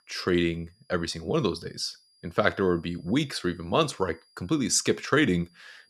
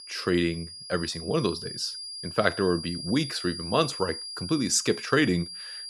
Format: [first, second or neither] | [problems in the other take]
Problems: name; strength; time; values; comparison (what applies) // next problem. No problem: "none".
first | high-pitched whine; loud; throughout; 5 kHz, 9 dB below the speech; faint in the first